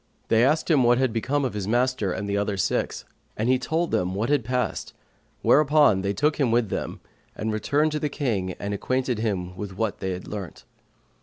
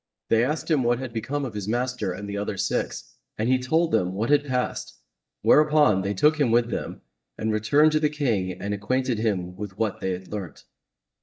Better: first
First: none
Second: noise reduction (neural mask model DeepFilterNet 3)

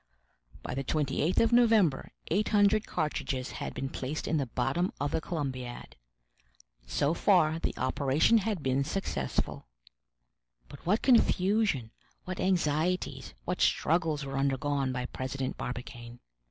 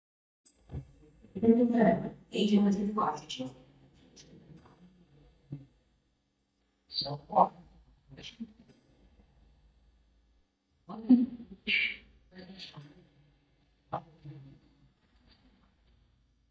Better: first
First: none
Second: noise reduction (neural mask model DeepFilterNet 3)

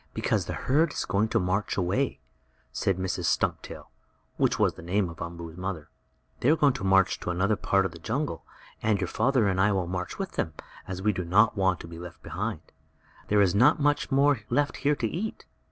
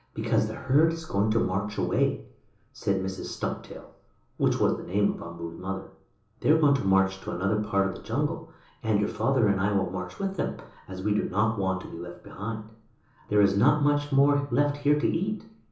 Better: first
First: none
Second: room echo; dies away in 1.2 s

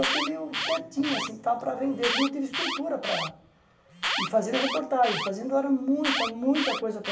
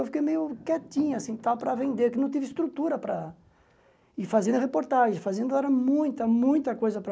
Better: second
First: background sound (Alarm); 4 dB below the speech // room echo; dies away in 0.6 s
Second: none

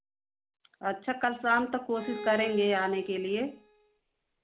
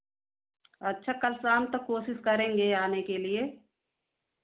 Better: second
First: background sound (Bowed string instrument); 15 dB below the speech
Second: none

